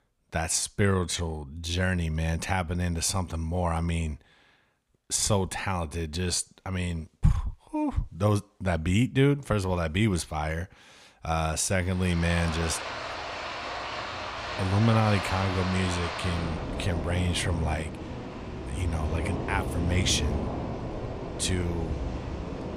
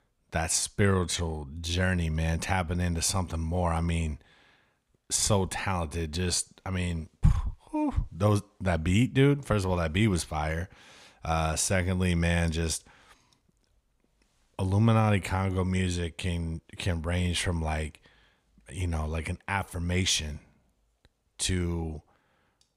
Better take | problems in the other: second | rain or running water; loud; from 12 s on; 6 dB below the speech

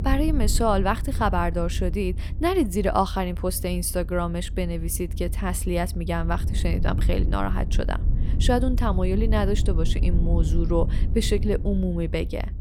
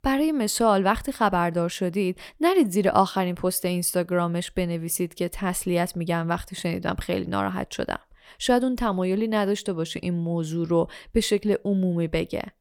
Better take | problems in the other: second | low rumble; noticeable; throughout; 15 dB below the speech

